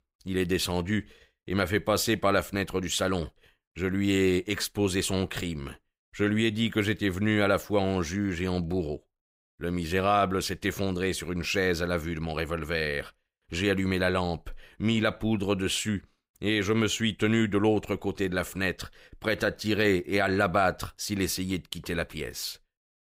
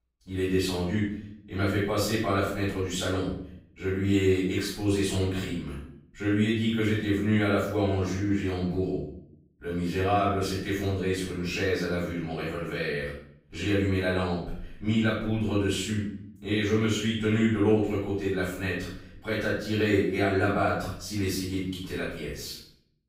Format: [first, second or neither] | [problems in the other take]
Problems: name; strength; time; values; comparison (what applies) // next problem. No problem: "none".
first | off-mic speech; far // room echo; noticeable; dies away in 0.6 s